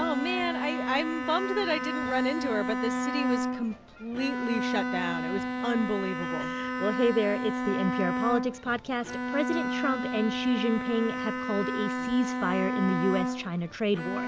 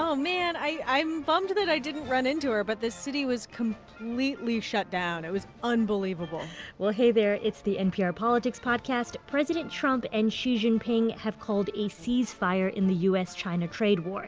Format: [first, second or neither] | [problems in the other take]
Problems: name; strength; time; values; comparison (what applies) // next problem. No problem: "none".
second | background sound (Bowed string instrument); 1 dB below the speech